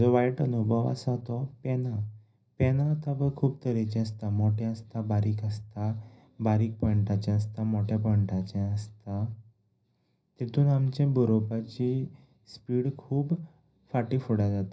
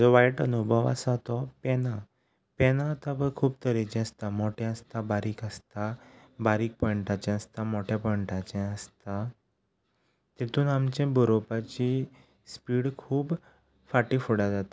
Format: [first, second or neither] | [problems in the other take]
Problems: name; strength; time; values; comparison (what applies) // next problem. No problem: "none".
second | room echo; dies away in 0.4 s